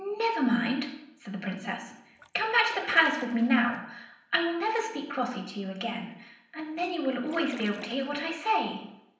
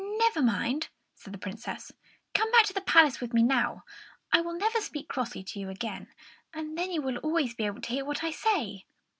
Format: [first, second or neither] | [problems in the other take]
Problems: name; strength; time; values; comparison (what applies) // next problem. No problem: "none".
second | background sound (Splash, splatter); 18 dB below the speech // room echo; dies away in 0.8 s